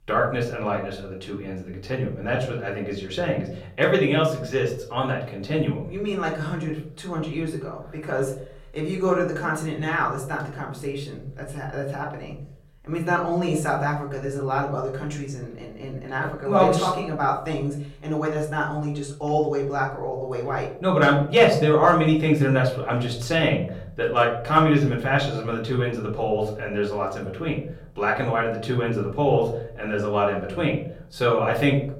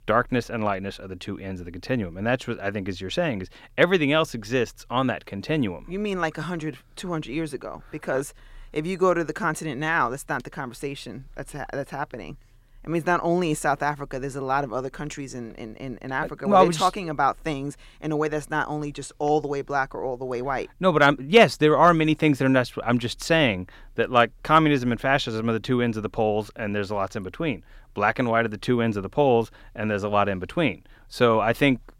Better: second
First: off-mic speech; far // room echo; slight; dies away in 0.7 s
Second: none

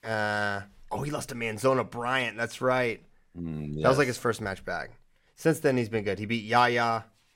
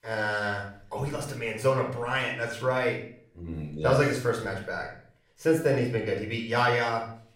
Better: first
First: none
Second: room echo; slight; dies away in 0.4 s // off-mic speech; somewhat distant

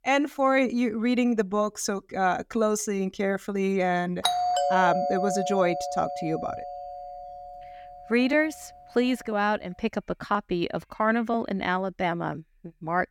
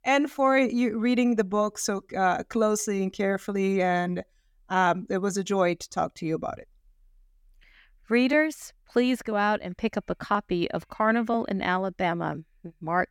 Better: second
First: doorbell; loud; from 4 to 7 s; peak 2 dB above the speech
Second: none

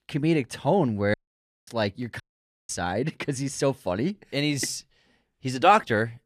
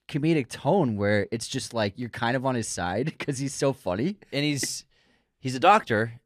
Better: second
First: audio cutting out; at 1 s for 0.5 s and at 2 s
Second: none

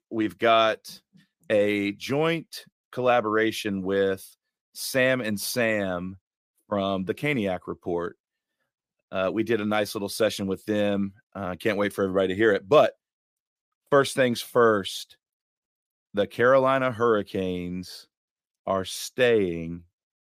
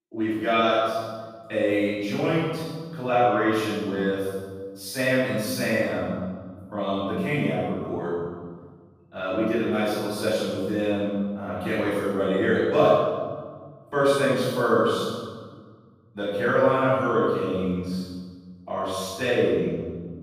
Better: first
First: none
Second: off-mic speech; far // room echo; strong; dies away in 1.6 s

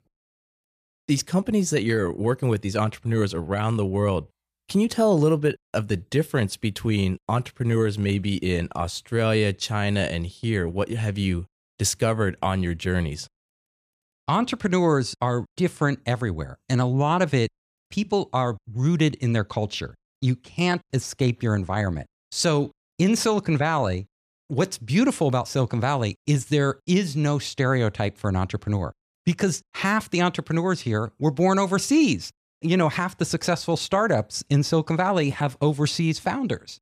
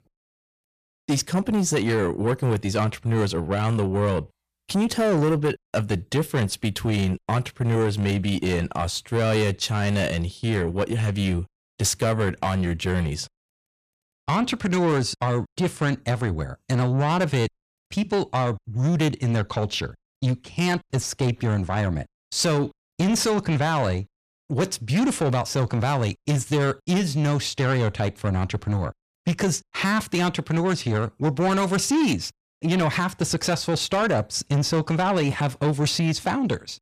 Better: first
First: none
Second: distortion; slight; 10 dB below the speech

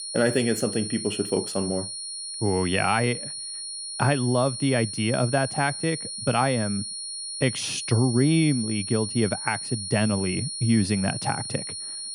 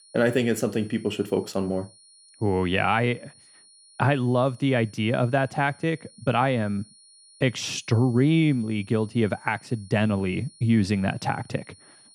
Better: second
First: high-pitched whine; loud; throughout; 9.5 kHz, 6 dB below the speech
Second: high-pitched whine; faint; throughout; 9.5 kHz, 25 dB below the speech

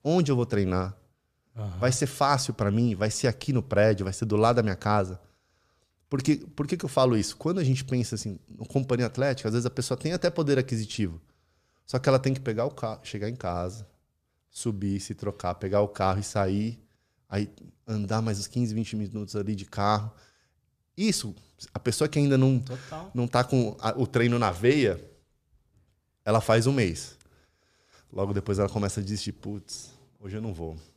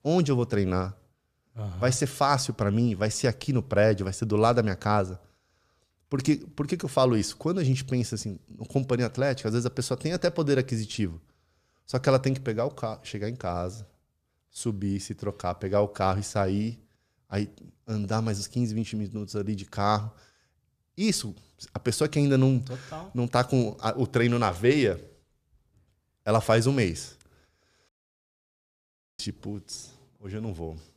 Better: first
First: none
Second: audio cutting out; at 28 s for 1.5 s

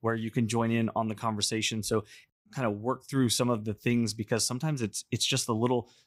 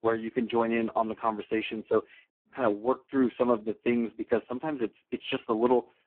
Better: first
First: none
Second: phone-call audio; poor line

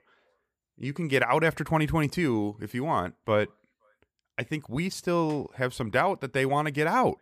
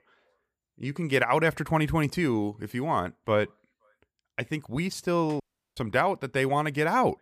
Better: first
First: none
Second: audio cutting out; at 5.5 s

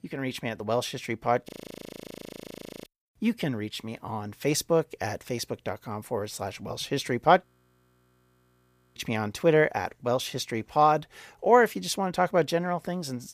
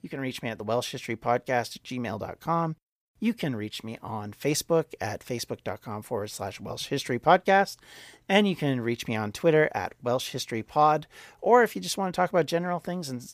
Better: second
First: audio freezing; at 1.5 s for 1.5 s and at 7.5 s for 1.5 s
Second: none

